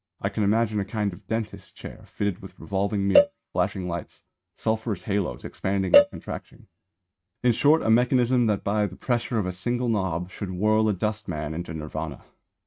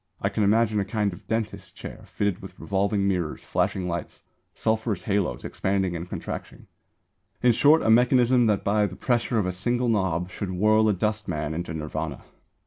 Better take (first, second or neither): second